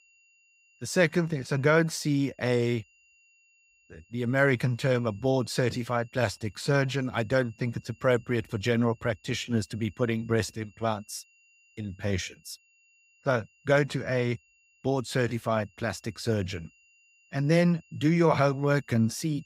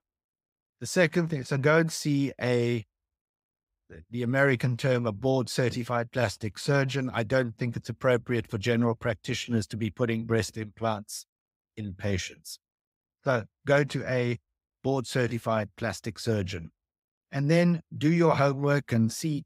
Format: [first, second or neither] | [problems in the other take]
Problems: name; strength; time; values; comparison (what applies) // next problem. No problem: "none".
second | high-pitched whine; faint; throughout; 2.5 kHz, 35 dB below the speech